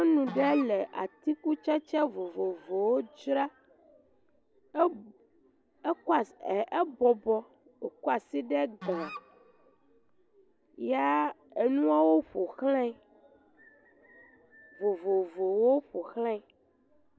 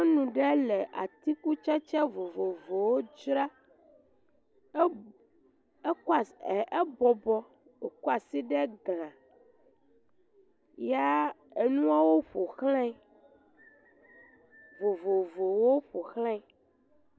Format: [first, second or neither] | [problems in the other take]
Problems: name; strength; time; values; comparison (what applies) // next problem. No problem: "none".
second | background sound (Musical instrument); 17 dB below the speech